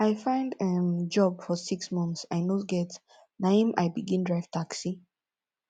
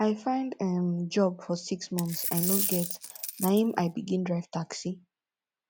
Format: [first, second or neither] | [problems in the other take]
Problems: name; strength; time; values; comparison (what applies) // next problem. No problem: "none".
first | background sound (Coin (dropping)); 4 dB below the speech